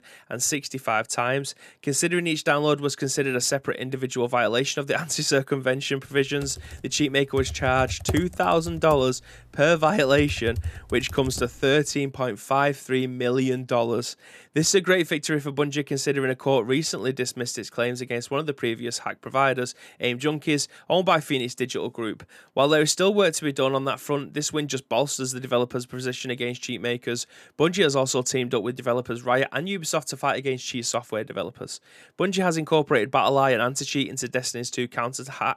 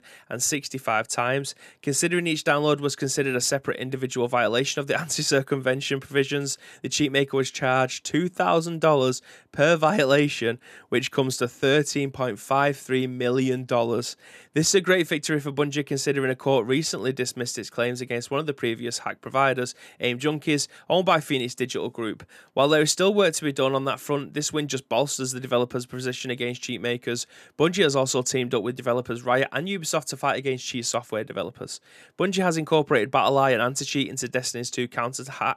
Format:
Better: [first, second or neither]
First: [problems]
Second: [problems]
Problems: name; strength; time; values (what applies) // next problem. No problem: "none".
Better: second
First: keyboard typing; noticeable; from 6.5 to 11 s; peak 6 dB below the speech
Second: none